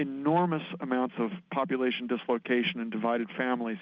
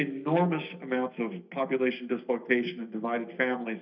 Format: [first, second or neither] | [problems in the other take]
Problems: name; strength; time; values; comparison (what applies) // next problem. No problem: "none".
first | noise reduction (neural mask model DeepFilterNet 3)